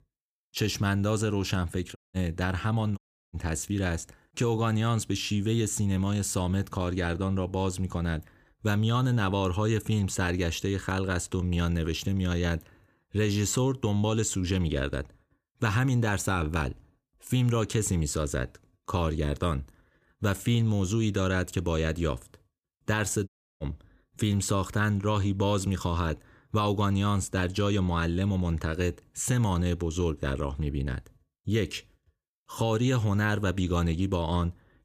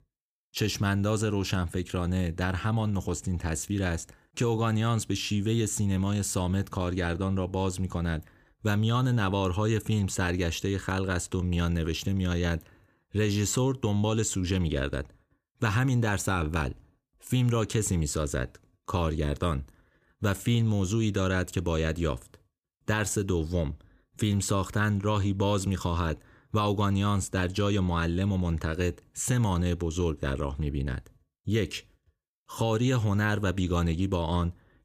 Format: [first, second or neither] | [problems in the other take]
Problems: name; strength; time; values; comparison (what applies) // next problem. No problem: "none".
second | audio cutting out; at 2 s, at 3 s and at 23 s